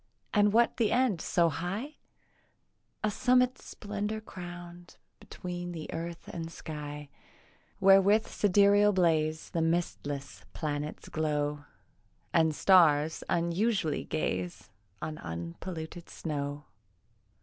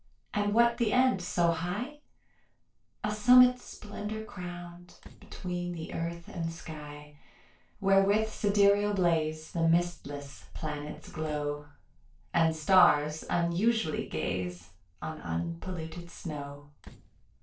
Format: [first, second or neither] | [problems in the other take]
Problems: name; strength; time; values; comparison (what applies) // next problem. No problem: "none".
first | noise reduction (neural separator model SepFormer DNS4)